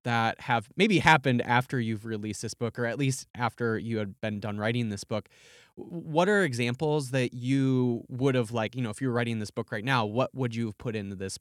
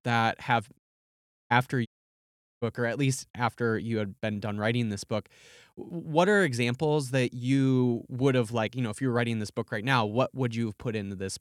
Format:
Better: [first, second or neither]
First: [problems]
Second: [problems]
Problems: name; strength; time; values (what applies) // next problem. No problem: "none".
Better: first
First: none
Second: audio cutting out; at 1 s for 0.5 s and at 2 s for 0.5 s